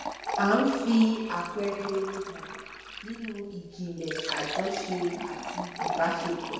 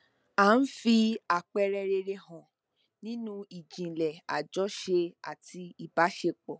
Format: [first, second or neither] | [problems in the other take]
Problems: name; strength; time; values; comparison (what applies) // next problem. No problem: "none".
second | background sound (Fill (with liquid)); 6 dB below the speech // room echo; dies away in 1.1 s